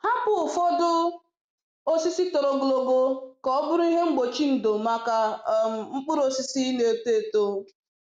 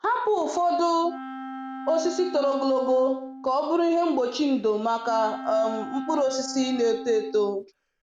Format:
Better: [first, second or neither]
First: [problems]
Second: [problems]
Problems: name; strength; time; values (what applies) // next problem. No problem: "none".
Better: first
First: none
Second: background sound (Wind instrument, woodwind instrument); 14 dB below the speech